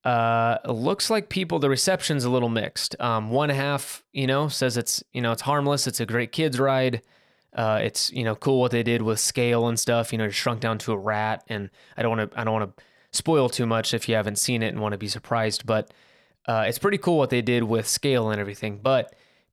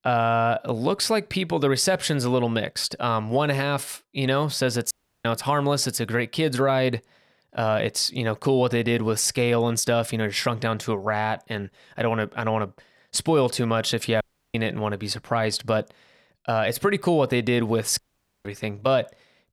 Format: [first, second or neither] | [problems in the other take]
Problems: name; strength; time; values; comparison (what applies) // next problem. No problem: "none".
first | audio cutting out; at 5 s, at 14 s and at 18 s